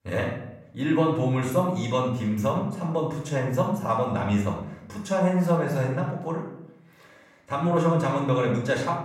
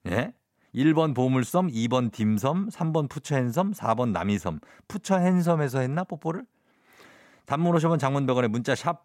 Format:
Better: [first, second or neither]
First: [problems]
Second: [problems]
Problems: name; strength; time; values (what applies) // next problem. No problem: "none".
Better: second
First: off-mic speech; far // room echo; noticeable; dies away in 0.6 s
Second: none